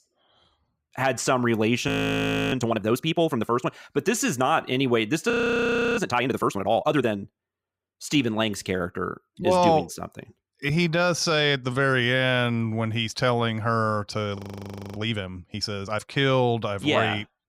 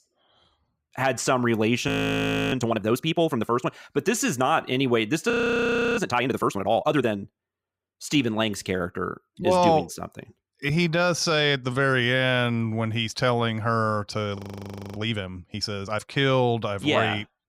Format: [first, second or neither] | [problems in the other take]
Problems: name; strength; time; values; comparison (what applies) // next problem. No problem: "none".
neither | audio freezing; at 2 s for 0.5 s, at 5.5 s for 0.5 s and at 14 s for 0.5 s; the same in both